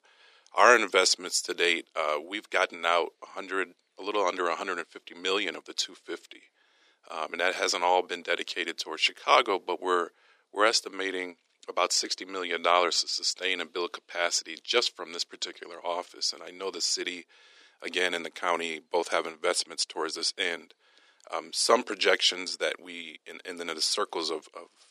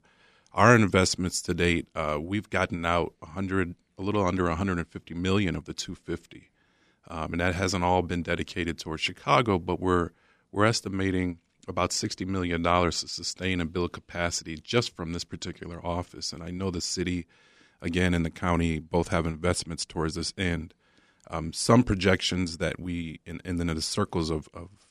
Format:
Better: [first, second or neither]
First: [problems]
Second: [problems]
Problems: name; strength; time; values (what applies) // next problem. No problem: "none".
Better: second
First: thin; very; fading below 400 Hz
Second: none